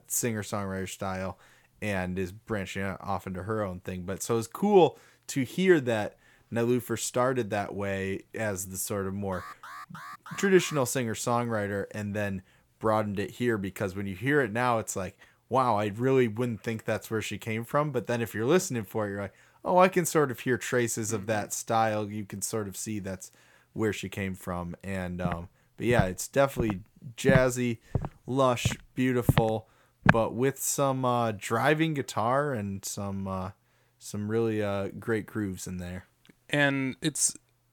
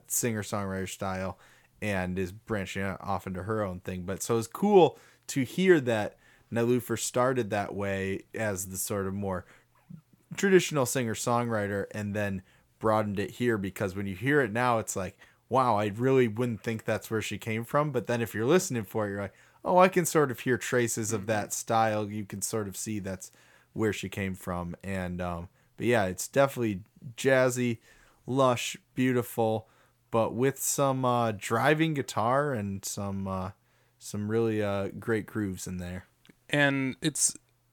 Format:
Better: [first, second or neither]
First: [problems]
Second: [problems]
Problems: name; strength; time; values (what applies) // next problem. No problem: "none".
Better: second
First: alarm; faint; from 9.5 to 11 s; peak 15 dB below the speech // footsteps; loud; from 25 to 30 s; peak 4 dB above the speech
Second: none